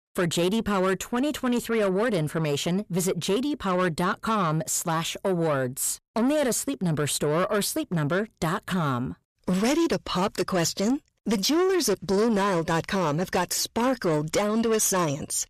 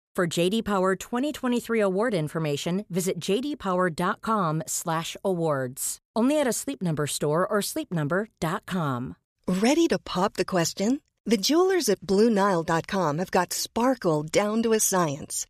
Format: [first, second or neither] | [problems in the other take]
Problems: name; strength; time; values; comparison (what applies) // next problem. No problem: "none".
second | distortion; slight; 10 dB below the speech